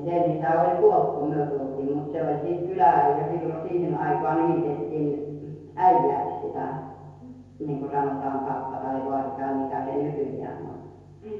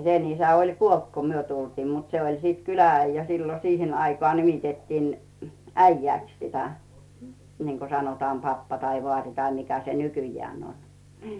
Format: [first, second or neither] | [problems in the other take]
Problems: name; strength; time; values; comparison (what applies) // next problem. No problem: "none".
second | room echo; dies away in 1.2 s